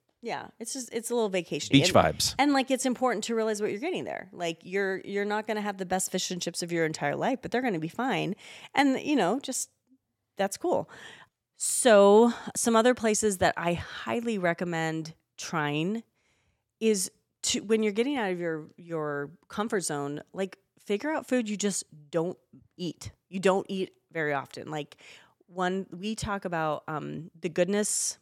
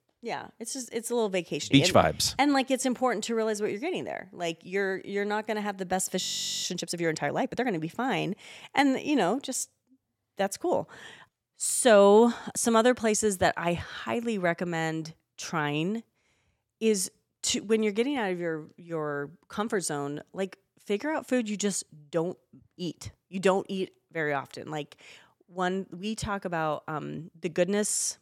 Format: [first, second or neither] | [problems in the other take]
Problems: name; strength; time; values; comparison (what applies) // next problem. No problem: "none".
first | audio freezing; at 6 s